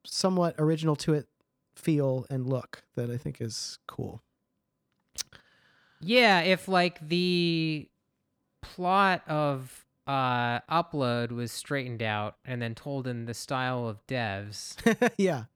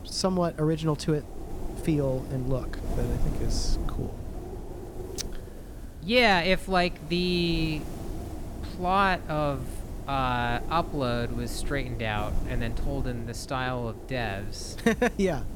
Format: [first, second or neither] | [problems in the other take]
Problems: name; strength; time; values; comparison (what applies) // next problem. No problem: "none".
first | wind noise on the microphone; occasional gusts; 15 dB below the speech